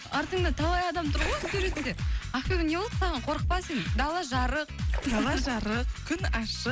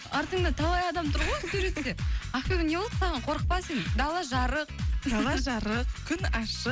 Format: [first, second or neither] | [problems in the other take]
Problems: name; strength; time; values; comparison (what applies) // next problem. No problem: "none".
second | background sound (Splash, splatter); 15 dB below the speech